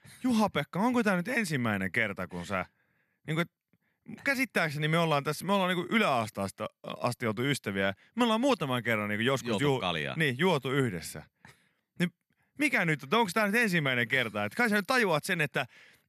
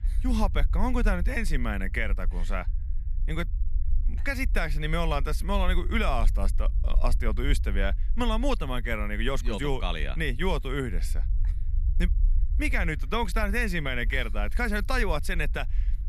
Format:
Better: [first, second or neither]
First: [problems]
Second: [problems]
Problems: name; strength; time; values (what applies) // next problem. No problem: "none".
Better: first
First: none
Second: low rumble; faint; throughout; 25 dB below the speech